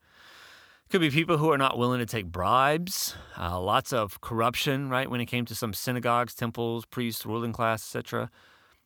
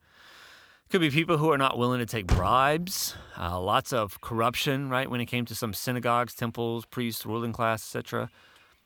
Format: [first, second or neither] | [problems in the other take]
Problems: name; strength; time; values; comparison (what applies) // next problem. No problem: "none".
first | traffic noise; very faint; throughout; 5 dB below the speech